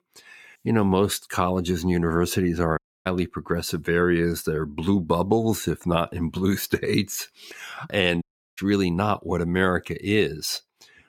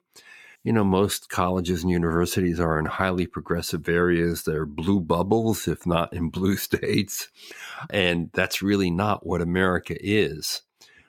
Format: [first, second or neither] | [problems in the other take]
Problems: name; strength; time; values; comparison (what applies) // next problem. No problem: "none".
second | audio cutting out; at 3 s and at 8 s